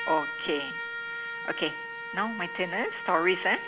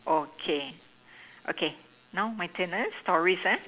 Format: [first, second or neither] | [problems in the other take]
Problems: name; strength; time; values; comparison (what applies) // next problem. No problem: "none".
second | background sound (Trumpet); 6 dB below the speech